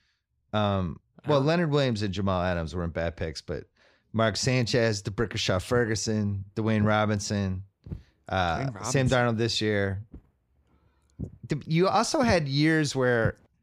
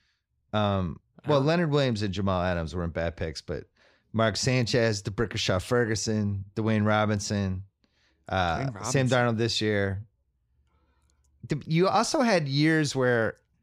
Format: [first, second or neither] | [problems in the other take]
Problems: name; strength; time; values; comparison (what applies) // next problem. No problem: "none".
second | footsteps; noticeable; from 5.5 s on; peak 9 dB below the speech